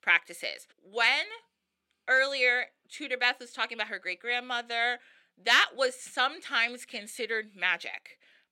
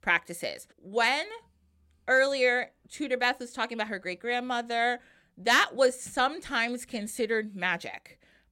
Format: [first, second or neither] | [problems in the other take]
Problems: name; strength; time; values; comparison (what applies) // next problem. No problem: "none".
second | thin; somewhat; fading below 300 Hz